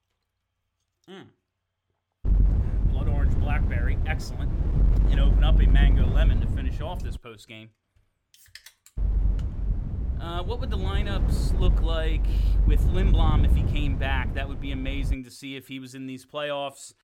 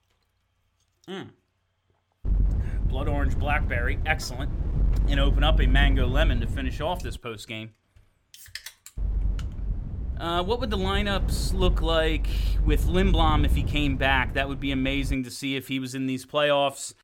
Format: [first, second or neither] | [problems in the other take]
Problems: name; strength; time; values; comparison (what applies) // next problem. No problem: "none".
second | wind noise on the microphone; heavy; from 2.5 to 7 s and from 9 to 15 s; 6 dB below the speech; occasional gusts in the second